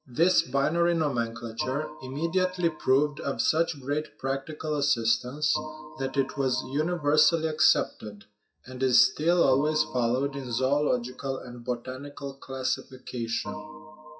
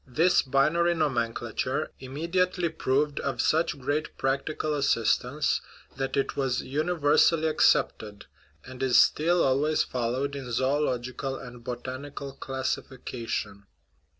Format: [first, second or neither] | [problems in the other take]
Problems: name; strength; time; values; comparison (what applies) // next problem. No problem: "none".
second | noise reduction (classical method WPE with log-MMSE)